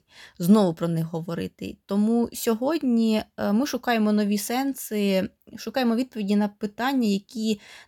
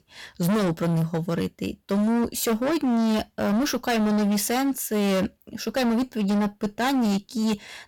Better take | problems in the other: first | distortion; heavy; 27% of the sound clipped

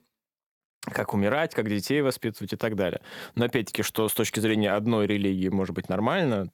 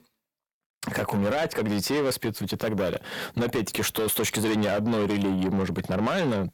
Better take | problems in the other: first | distortion; heavy; 7 dB below the speech

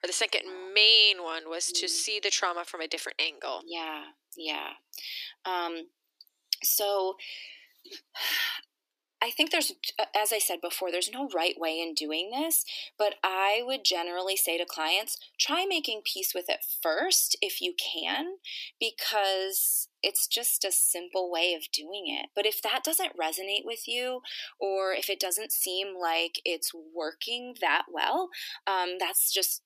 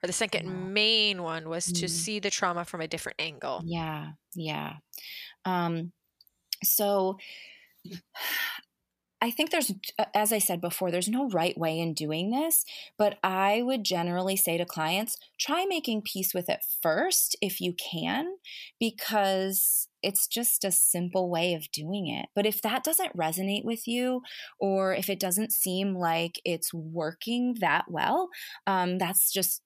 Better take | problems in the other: second | thin; somewhat; fading below 300 Hz

